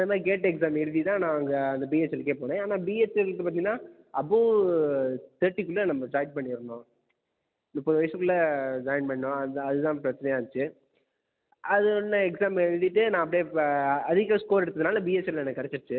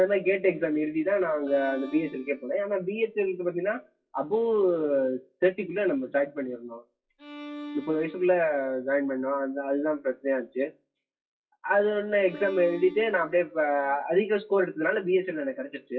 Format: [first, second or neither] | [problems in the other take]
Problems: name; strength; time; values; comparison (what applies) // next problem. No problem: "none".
first | noise reduction (classical method WPE with log-MMSE)